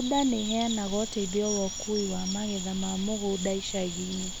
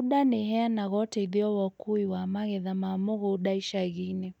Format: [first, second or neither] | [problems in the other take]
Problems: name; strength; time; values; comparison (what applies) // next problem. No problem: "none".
second | background sound (Insect + Chirp, tweet); 7 dB below the speech